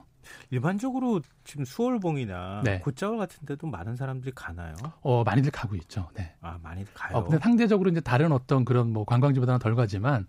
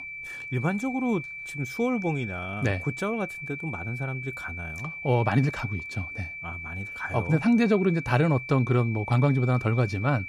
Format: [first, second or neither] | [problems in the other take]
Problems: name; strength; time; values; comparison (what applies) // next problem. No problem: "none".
first | high-pitched whine; loud; throughout; 2.5 kHz, 9 dB below the speech